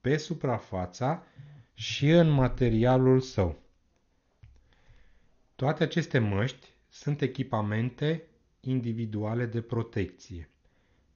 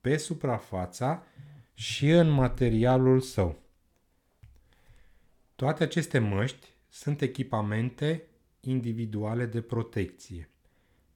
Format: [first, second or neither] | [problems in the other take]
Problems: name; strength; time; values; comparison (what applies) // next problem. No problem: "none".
second | garbled, watery; slightly; nothing above 6.5 kHz